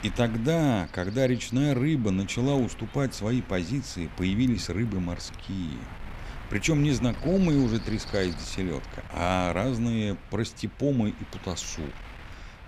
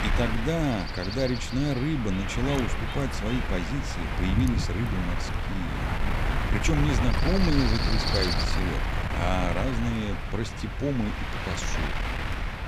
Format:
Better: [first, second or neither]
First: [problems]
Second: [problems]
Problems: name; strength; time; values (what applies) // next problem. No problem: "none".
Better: first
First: wind noise on the microphone; occasional gusts; 15 dB below the speech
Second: wind noise on the microphone; heavy; 1 dB above the speech